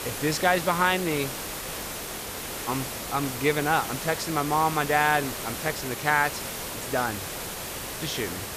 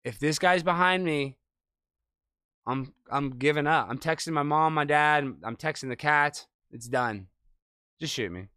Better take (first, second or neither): second